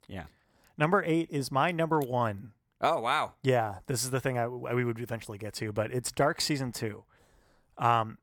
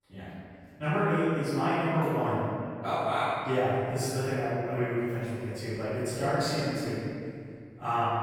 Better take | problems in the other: first | off-mic speech; far // room echo; strong; dies away in 2.3 s

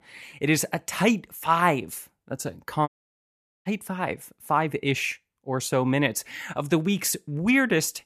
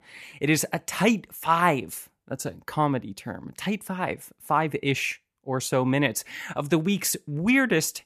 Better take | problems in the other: second | audio cutting out; at 3 s for 1 s

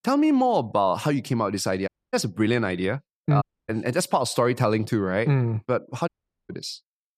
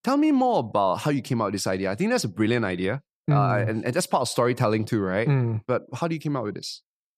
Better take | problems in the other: second | audio cutting out; at 2 s, at 3.5 s and at 6 s

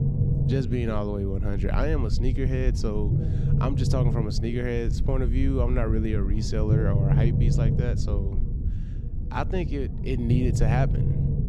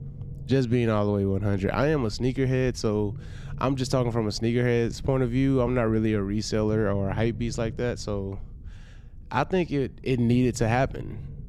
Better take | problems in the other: second | low rumble; loud; throughout; 5 dB below the speech; faint in the second

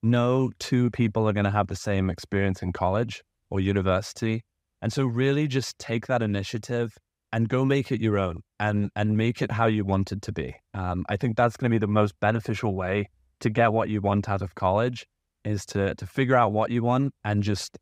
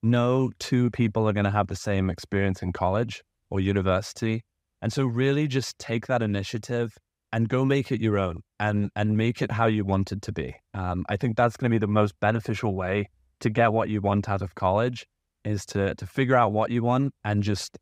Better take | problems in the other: neither | none

